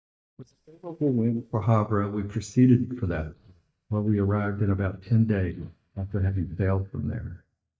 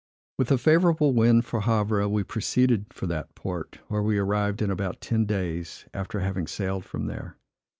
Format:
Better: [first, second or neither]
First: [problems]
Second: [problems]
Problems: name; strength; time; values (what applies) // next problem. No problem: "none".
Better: second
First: noise reduction (neural mask model DeepFilterNet 3)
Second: none